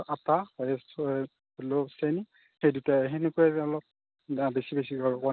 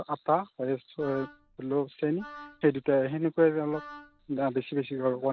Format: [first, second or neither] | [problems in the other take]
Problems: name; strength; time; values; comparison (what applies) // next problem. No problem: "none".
first | background sound (Wind instrument, woodwind instrument); 19 dB below the speech